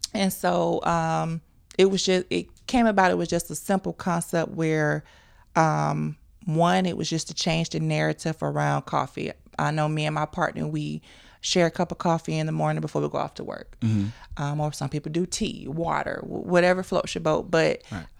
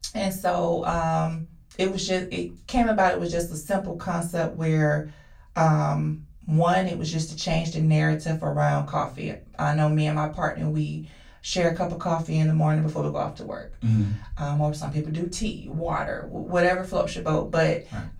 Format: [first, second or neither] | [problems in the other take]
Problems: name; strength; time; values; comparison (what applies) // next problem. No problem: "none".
first | off-mic speech; far // room echo; very slight; dies away in 0.2 s